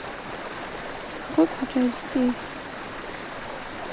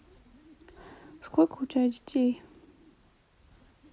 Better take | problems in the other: second | background sound (Stream); 6 dB below the speech

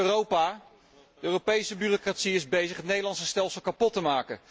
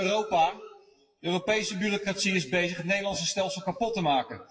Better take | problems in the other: first | noise reduction (classical method WPE with log-MMSE)

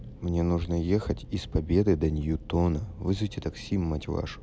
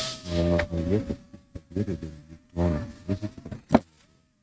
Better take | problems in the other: first | noise reduction (neural mask model RNNoise)

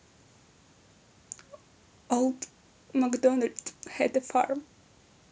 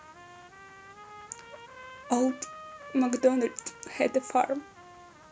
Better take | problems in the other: first | background sound (Trumpet); 17 dB below the speech

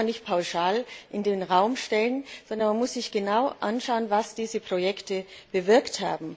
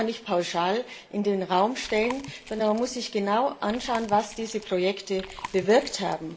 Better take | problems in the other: first | background sound (Chewing, mastication); 16 dB below the speech // room echo; dies away in 0.5 s

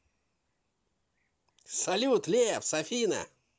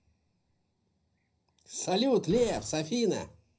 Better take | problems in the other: first | background sound (Glass); 16 dB below the speech // room echo; dies away in 0.5 s

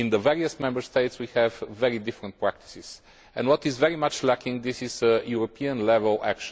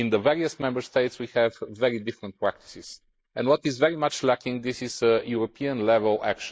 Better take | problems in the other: first | noise reduction (neural mask model Resemble Enhance denoiser)

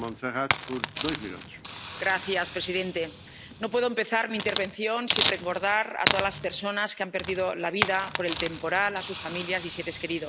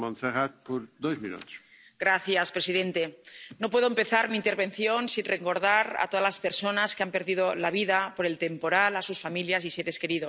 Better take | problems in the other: second | background sound (Hiss); 5 dB below the speech

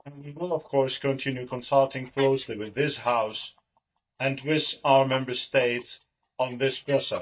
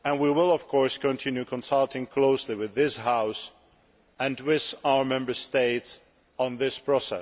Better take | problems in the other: second | noise reduction (neural mask model DeepFilterNet 3)

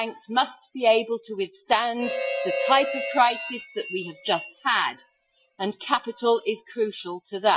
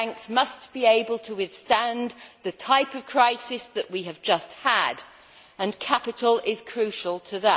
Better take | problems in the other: second | noise reduction (classical method Wiener filter)

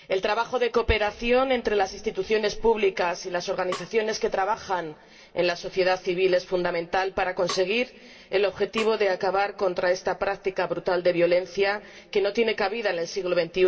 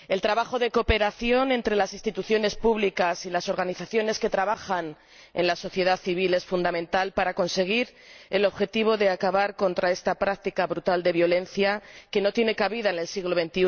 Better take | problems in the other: second | background sound (Snare drum); 17 dB below the speech // room echo; dies away in 1.7 s

